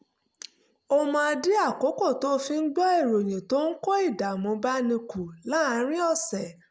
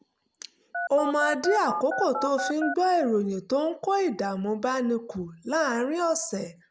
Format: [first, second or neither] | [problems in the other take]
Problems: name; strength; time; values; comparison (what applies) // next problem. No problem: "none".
first | background sound (Telephone); 5 dB below the speech